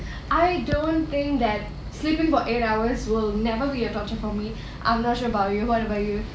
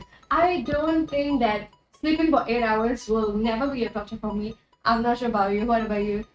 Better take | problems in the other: first | noise reduction (neural mask model RNNoise)

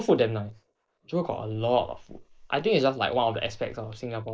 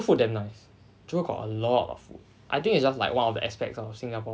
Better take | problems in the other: second | noise reduction (neural mask model Resemble Enhance denoiser)

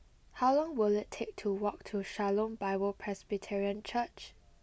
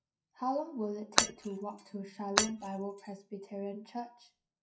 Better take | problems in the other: first | noise reduction (classical method WPE with log-MMSE)

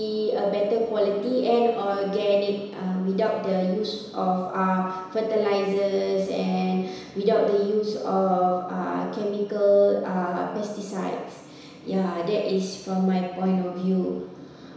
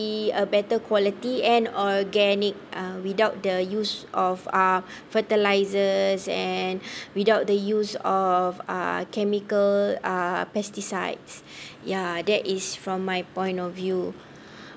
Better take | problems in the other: second | room echo; dies away in 1 s

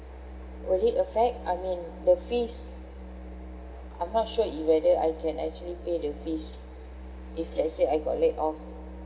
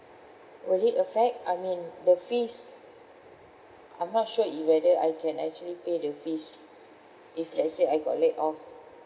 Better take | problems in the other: second | background sound (Musical instrument); 13 dB below the speech

